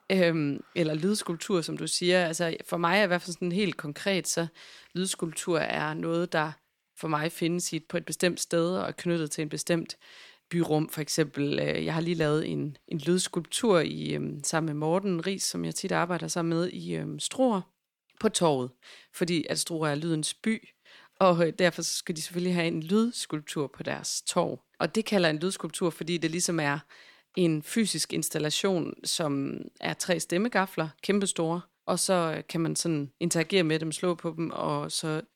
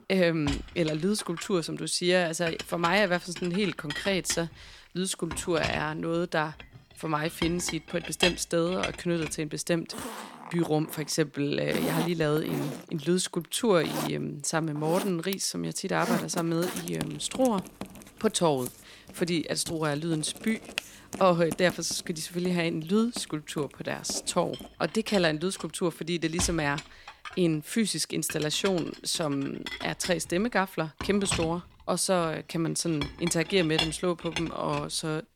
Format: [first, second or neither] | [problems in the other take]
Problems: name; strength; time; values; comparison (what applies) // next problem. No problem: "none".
first | household noises; loud; throughout; 9 dB below the speech